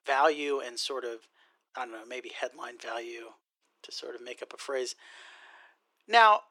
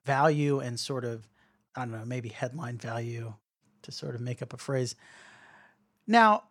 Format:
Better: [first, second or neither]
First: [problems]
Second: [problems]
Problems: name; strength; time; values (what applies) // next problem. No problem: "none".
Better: second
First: thin; very; fading below 350 Hz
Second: none